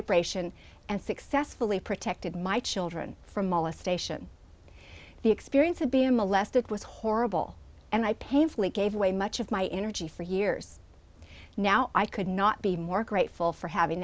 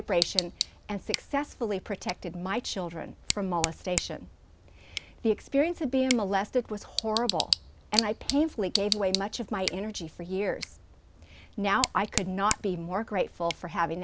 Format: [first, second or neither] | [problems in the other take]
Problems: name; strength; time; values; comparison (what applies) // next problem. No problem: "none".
first | background sound (Tick / Bicycle); 6 dB below the speech